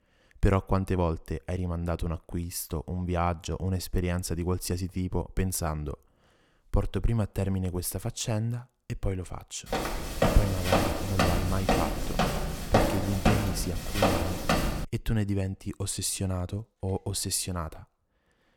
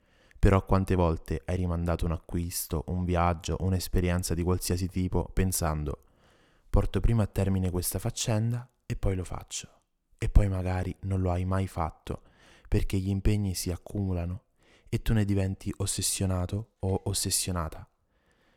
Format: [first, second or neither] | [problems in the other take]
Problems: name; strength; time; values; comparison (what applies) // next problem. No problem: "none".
second | footsteps; loud; from 9.5 to 15 s; peak 5 dB above the speech